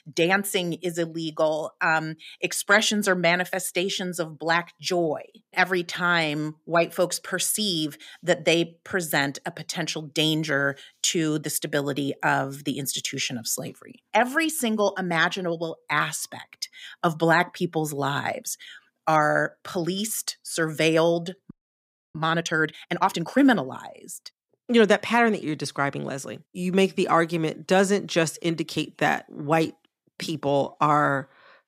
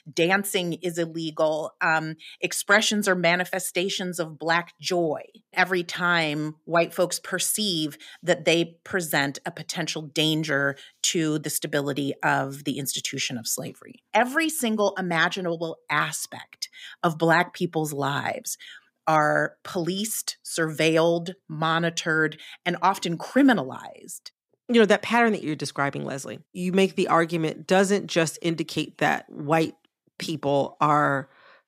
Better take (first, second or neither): second